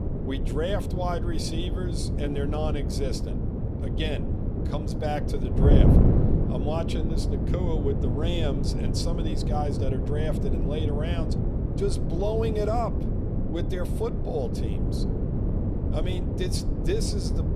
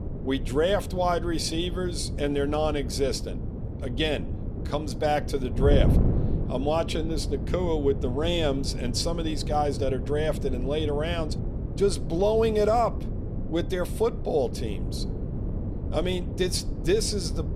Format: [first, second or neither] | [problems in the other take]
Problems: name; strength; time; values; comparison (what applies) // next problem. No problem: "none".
second | wind noise on the microphone; heavy; 3 dB below the speech; occasional gusts in the second